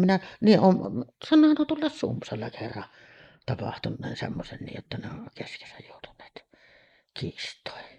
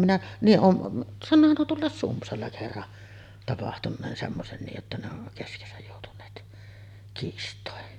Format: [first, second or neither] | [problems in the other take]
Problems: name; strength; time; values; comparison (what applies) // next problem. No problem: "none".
second | noise reduction (neural mask model Resemble Enhance denoiser)